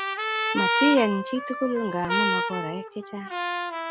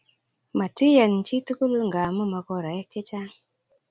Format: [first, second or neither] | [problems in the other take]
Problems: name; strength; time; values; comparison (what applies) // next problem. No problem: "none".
second | background sound (Trumpet); as loud as the speech